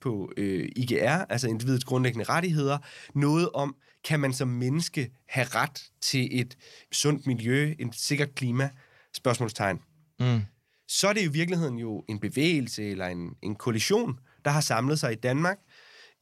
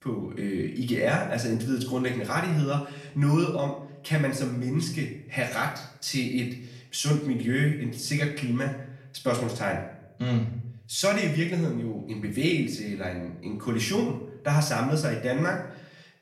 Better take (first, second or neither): first